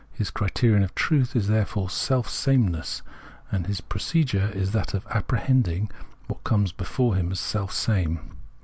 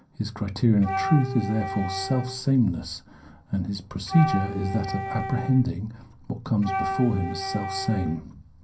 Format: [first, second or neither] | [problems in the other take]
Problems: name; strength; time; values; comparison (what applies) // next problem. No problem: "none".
first | background sound (Wind instrument, woodwind instrument); 8 dB below the speech // room echo; dies away in 0.3 s